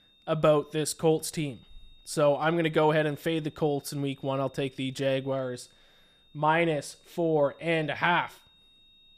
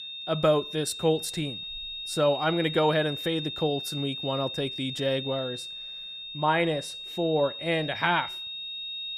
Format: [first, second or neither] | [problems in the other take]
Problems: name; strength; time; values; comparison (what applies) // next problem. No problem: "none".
first | high-pitched whine; loud; throughout; 3.5 kHz, 7 dB below the speech; faint in the first